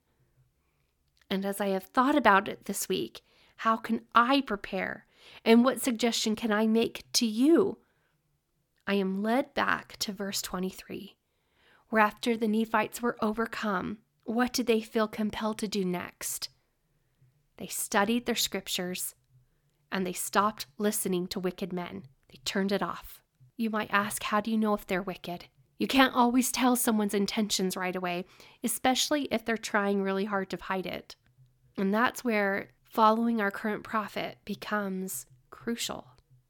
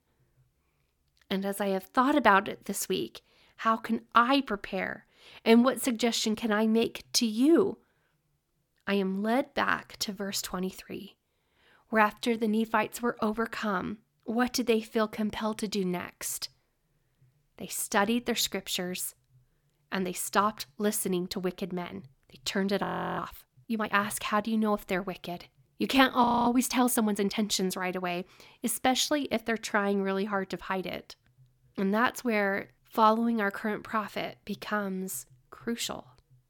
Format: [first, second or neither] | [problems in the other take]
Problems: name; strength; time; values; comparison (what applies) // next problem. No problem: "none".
first | audio freezing; at 23 s and at 26 s